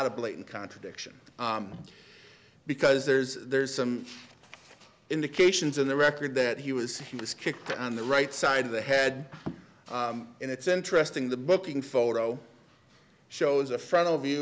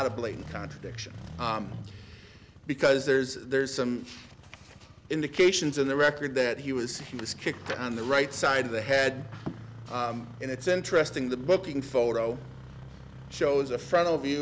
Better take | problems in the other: first | background sound (Engine starting); 16 dB below the speech

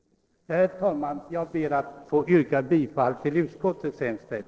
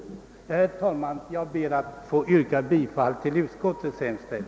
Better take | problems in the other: second | noise reduction (neural separator model SepFormer DNS4)

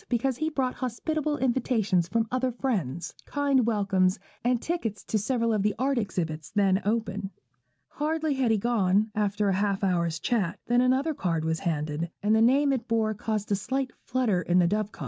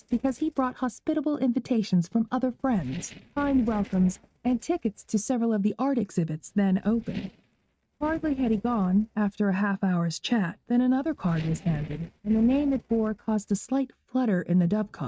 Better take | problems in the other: first | noise reduction (neural mask model RNNoise)

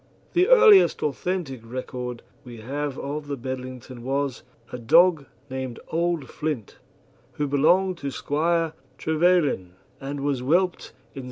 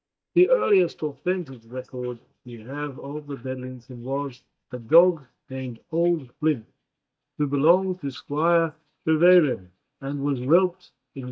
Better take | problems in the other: first | noise reduction (neural mask model DeepFilterNet 3)

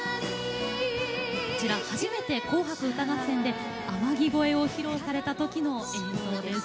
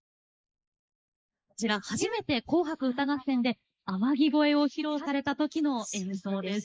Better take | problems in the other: first | noise reduction (neural mask model Resemble Enhance denoiser)

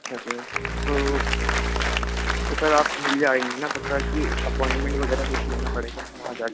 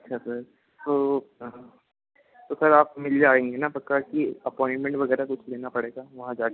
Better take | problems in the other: second | background sound (Bowed string instrument + Applause); 2 dB above the speech

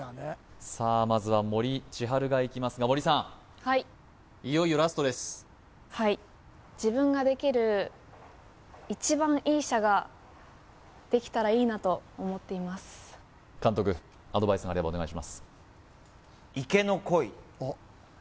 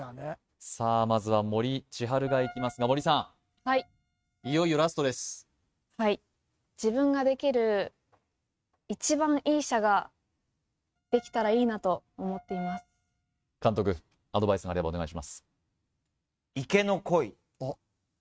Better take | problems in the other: first | noise reduction (neural mask model RNNoise)

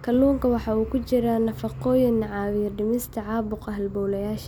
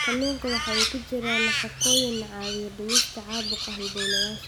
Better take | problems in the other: first | background sound (Crow); 4 dB above the speech

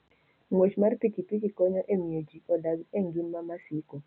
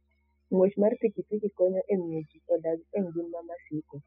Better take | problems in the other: first | noise reduction (classical method spectral subtraction)

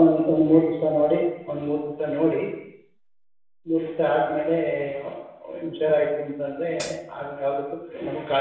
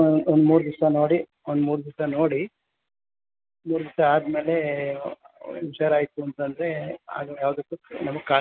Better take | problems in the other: second | background sound (Hi-hat); 14 dB below the speech // room echo; dies away in 0.8 s

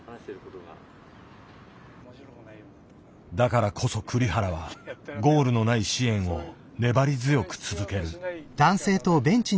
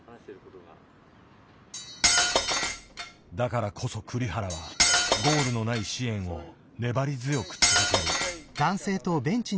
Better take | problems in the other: first | background sound (Cutlery, silverware); 4 dB above the speech

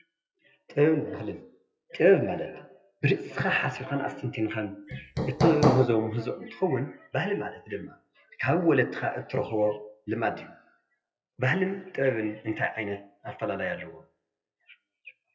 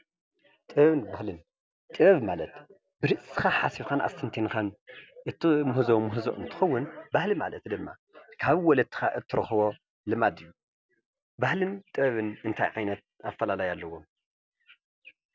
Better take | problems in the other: second | noise reduction (classical method WPE with log-MMSE)

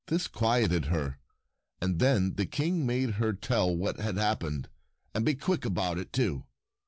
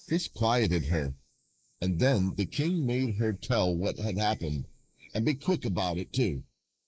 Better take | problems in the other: first | noise reduction (neural mask model Resemble Enhance denoiser)

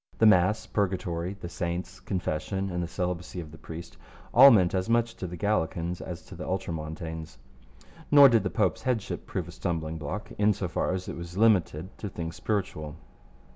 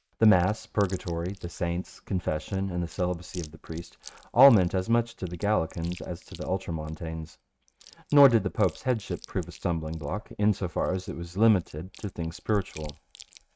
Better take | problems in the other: first | noise reduction (neural mask model RNNoise)

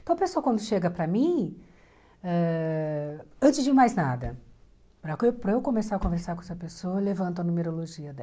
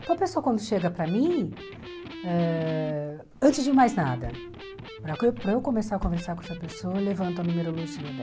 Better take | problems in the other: first | background sound (Electric guitar); 14 dB below the speech

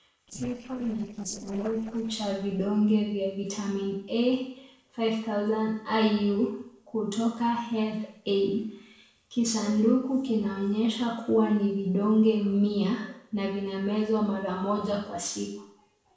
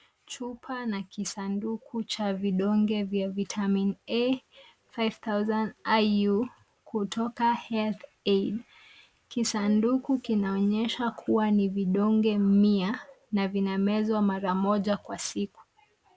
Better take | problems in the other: second | noise reduction (neural separator model SepFormer DNS4)

